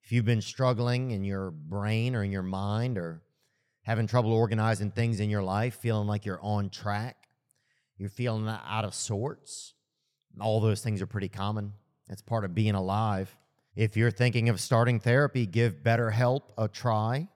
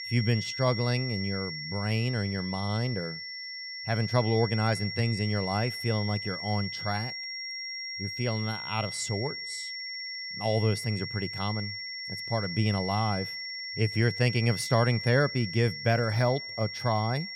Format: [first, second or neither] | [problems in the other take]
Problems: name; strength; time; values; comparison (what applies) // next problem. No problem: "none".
first | high-pitched whine; loud; throughout; 2 kHz, 6 dB below the speech